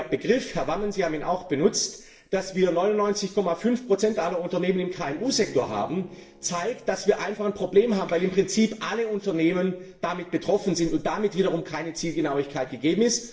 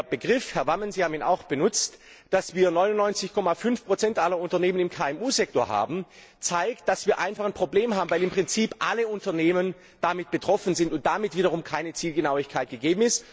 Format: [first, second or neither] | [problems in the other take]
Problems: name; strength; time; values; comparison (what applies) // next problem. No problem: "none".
second | noise reduction (neural separator model SepFormer DNS4)